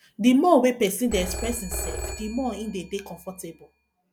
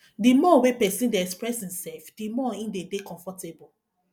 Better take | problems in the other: second | background sound (Telephone); 11 dB below the speech

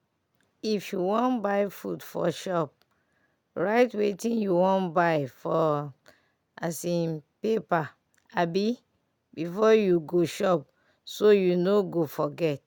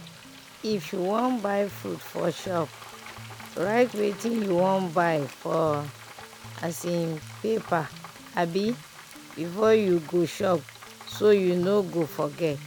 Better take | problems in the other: first | background sound (Frying (food) + Guitar); 17 dB below the speech

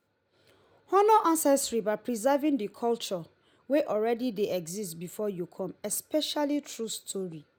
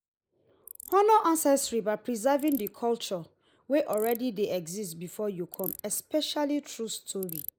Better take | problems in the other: first | noise reduction (neural mask model Resemble Enhance denoiser)

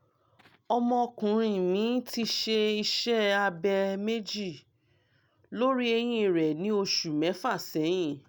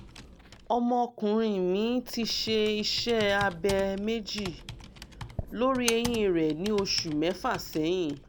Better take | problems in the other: first | background sound (Computer keyboard); 13 dB below the speech

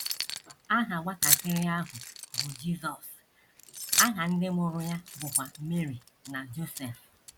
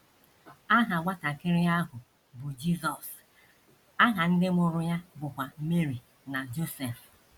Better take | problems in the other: second | background sound (Keys jangling); 2 dB below the speech

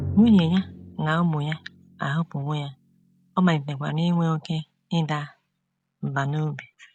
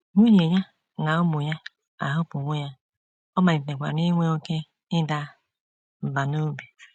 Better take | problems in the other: second | background sound (Drum); 16 dB below the speech

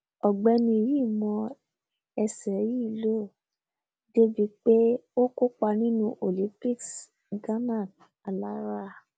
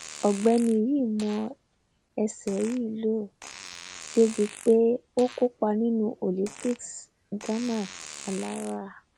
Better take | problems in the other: first | background sound (Fart); 18 dB below the speech

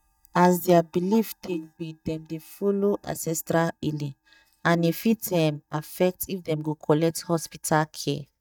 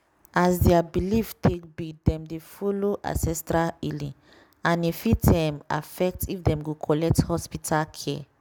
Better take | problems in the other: second | noise reduction (neural mask model DeepFilterNet 3)

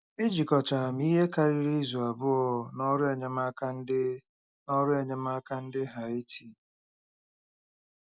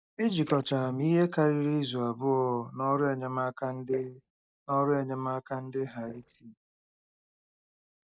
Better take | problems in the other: first | noise reduction (neural mask model DeepFilterNet 3)

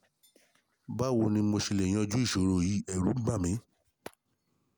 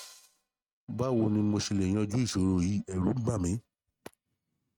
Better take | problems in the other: first | noise reduction (neural mask model RNNoise)

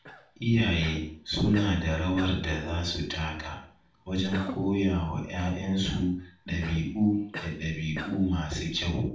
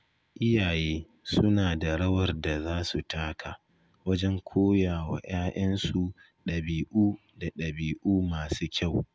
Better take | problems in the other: second | noise reduction (neural separator model SepFormer DNS4)

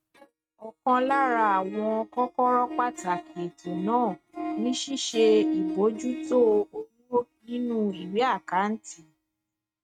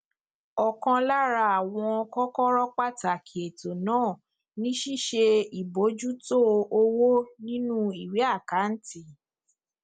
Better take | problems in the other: second | noise reduction (neural mask model RNNoise)

